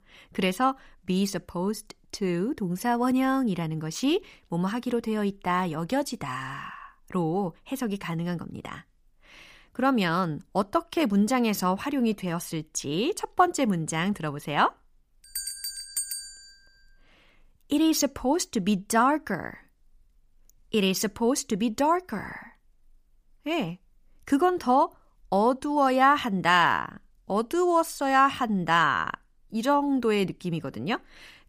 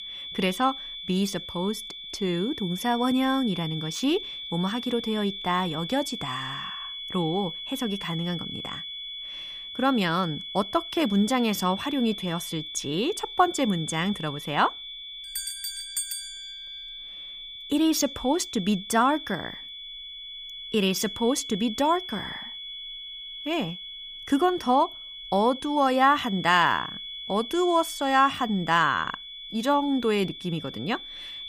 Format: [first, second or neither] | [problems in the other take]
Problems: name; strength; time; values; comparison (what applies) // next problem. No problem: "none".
first | high-pitched whine; loud; throughout; 3.5 kHz, 9 dB below the speech